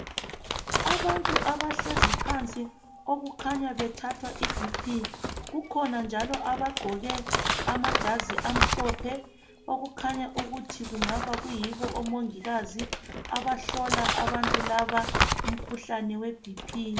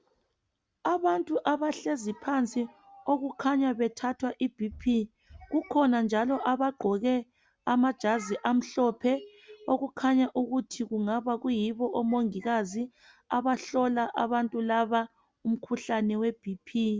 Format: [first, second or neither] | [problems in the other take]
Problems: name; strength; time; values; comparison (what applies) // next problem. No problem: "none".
second | background sound (Crumpling, crinkling); 1 dB above the speech // room echo; dies away in 0.4 s